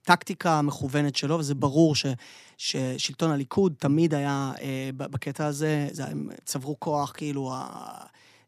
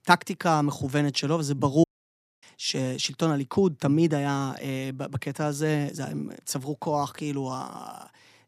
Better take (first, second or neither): first